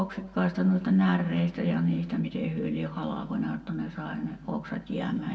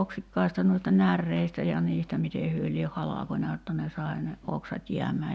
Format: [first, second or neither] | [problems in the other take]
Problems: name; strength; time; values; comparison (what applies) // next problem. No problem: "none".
second | room echo; dies away in 1 s